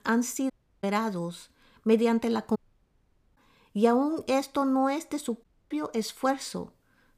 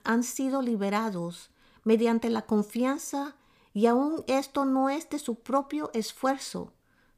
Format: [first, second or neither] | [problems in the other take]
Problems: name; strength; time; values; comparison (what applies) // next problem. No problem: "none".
second | audio cutting out; at 0.5 s, at 2.5 s for 1 s and at 5.5 s